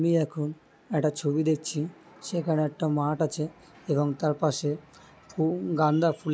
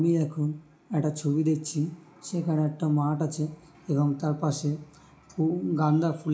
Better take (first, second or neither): first